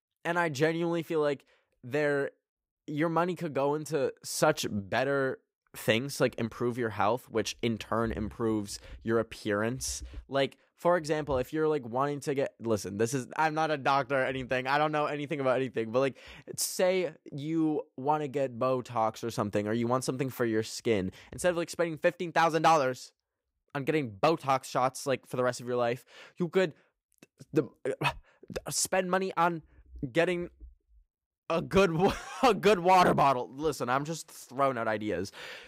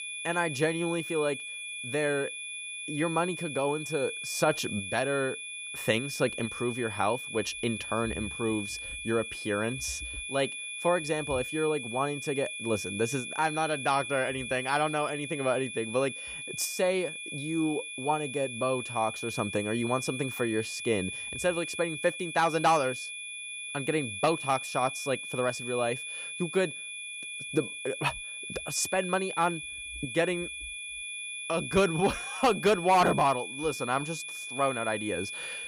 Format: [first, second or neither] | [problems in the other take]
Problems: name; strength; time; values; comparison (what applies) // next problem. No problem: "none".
first | high-pitched whine; loud; throughout; 2.5 kHz, 6 dB below the speech